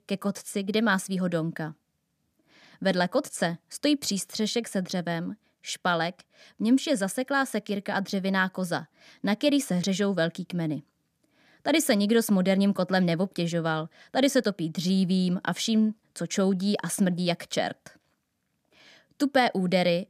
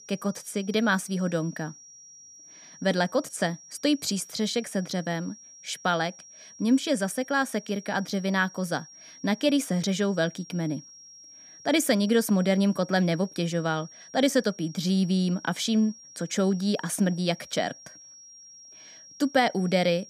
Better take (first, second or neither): first